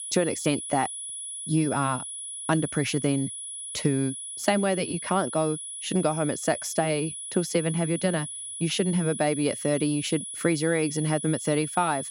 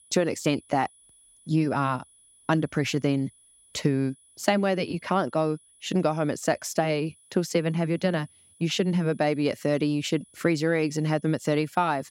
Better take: second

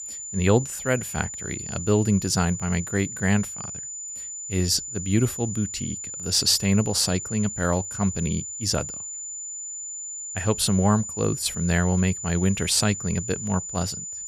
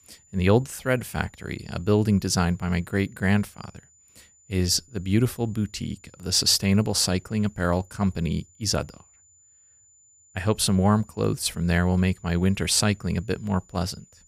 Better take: second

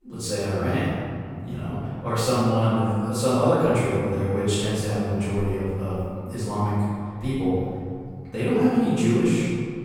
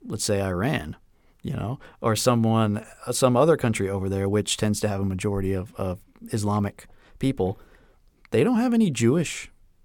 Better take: second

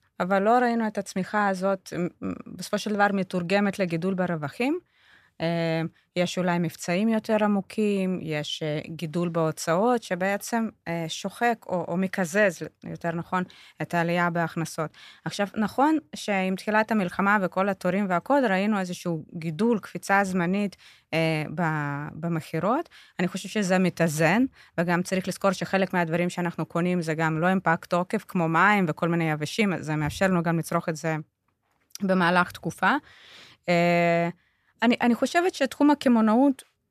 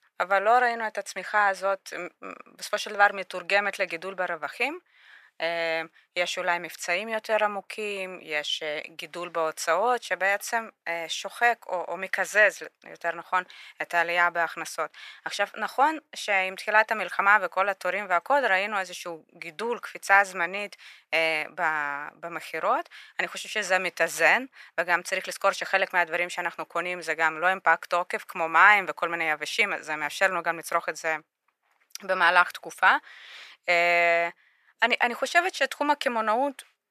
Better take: first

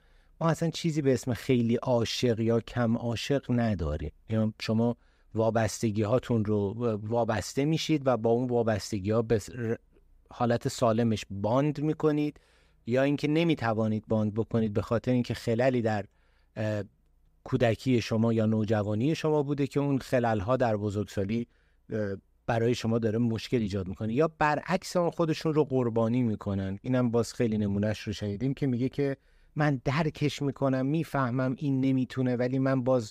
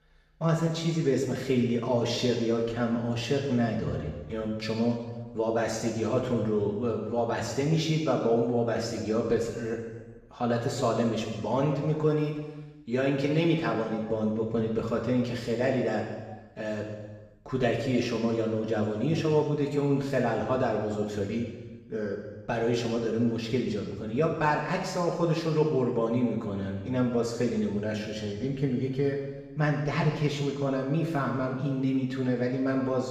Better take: first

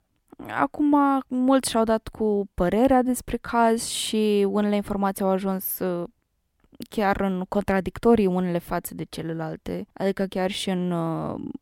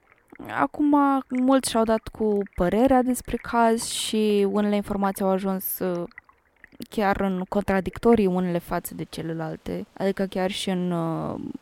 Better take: first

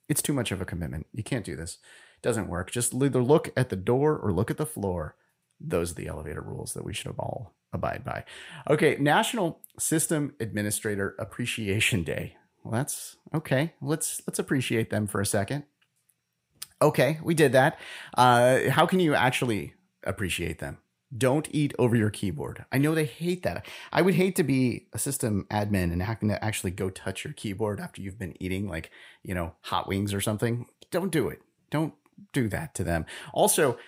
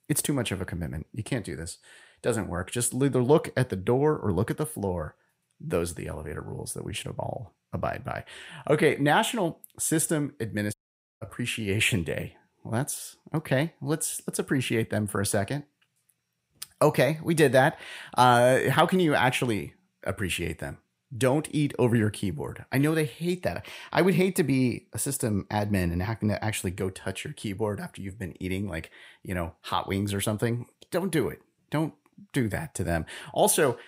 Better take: first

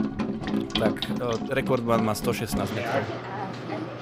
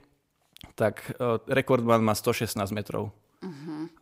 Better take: second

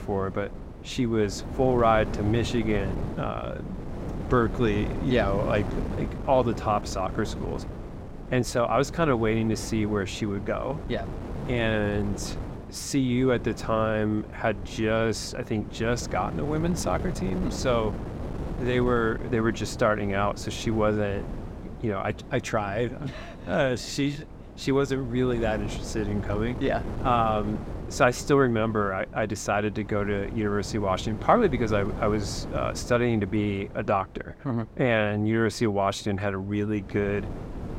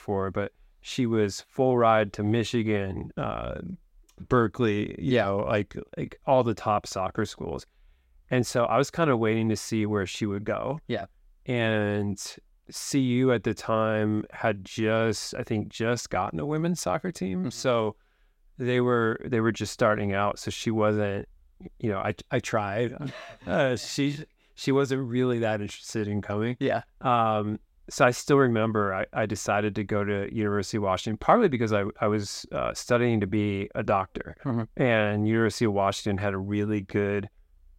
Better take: second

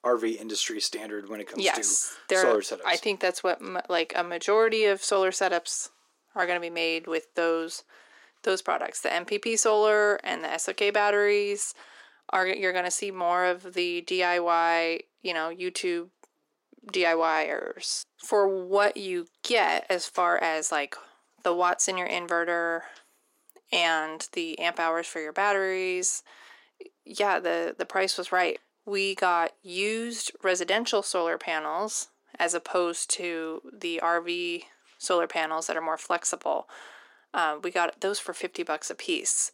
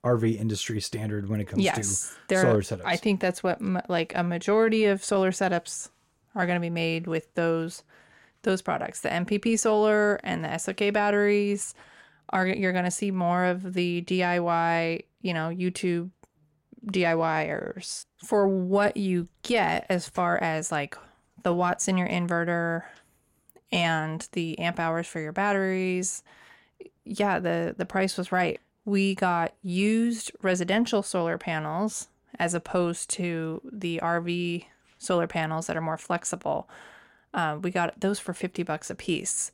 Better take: second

